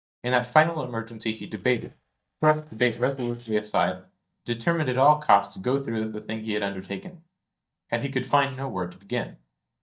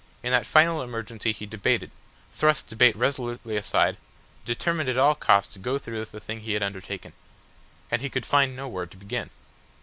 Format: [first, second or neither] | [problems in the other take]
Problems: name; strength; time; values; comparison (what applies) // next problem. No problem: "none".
second | noise reduction (neural mask model DeepFilterNet 3)